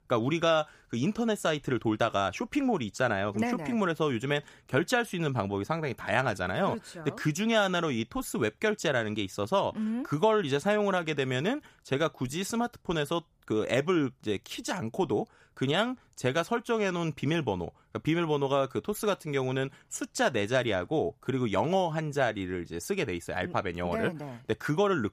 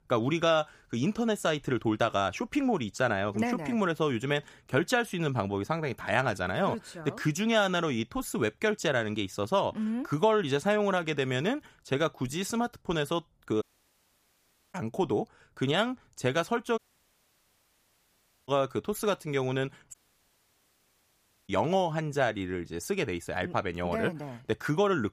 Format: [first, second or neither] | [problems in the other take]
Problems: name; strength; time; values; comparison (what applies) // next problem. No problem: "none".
first | audio cutting out; at 14 s for 1 s, at 17 s for 1.5 s and at 20 s for 1.5 s